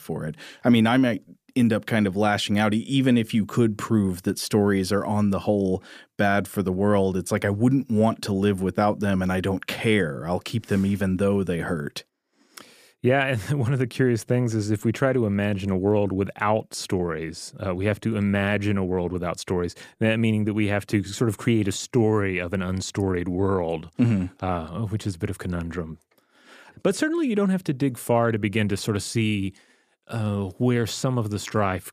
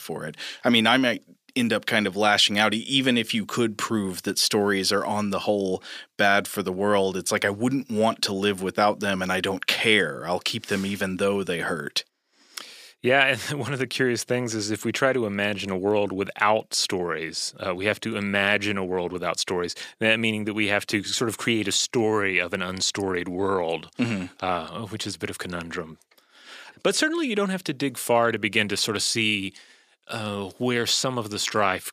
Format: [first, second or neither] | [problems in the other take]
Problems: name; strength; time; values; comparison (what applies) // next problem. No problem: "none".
first | thin; very slightly; fading below 500 Hz